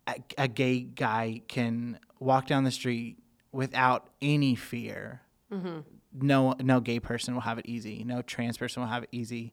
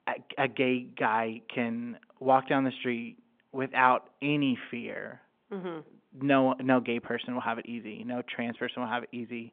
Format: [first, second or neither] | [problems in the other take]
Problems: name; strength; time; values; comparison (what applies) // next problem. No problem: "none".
first | phone-call audio